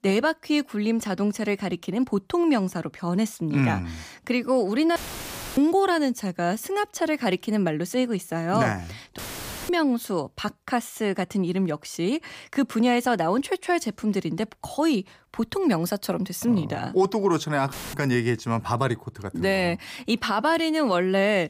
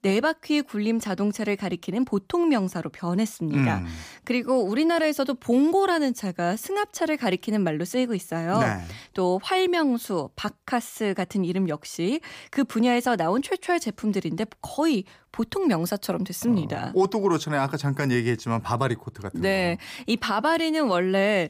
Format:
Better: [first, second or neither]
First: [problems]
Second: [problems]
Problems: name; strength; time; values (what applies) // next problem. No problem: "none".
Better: second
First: audio cutting out; filled with static; at 5 s for 0.5 s, at 9 s for 0.5 s and at 18 s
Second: none